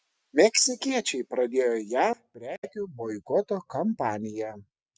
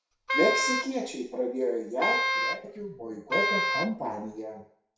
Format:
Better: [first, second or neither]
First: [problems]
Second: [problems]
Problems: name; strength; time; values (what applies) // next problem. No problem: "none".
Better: first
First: none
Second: background sound (Wind instrument, woodwind instrument); 1 dB above the speech // room echo; dies away in 0.6 s